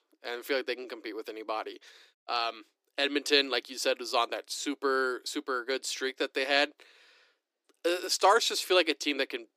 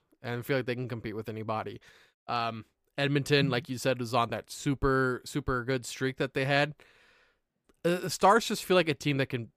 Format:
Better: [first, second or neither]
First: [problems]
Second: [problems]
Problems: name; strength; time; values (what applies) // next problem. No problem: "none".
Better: second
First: thin; somewhat; fading below 300 Hz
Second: none